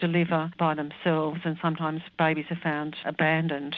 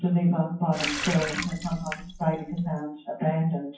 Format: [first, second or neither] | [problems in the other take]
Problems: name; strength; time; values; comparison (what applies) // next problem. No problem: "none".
first | noise reduction (classical method WPE with log-MMSE)